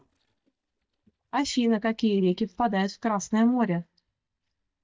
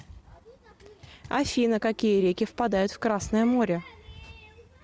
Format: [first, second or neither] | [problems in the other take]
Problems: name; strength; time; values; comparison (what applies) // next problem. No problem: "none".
second | noise reduction (neural mask model DeepFilterNet 3)